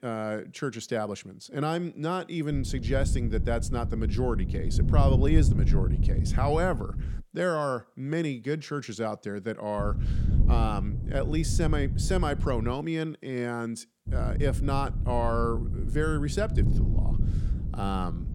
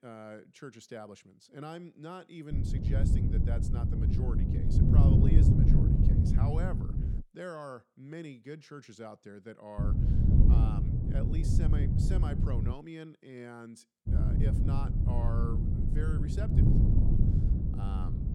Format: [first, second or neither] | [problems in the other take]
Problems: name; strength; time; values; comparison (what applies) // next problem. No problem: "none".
first | wind noise on the microphone; heavy; from 2.5 to 7 s, from 10 to 13 s and from 14 s on; 4 dB above the speech; occasional gusts in the first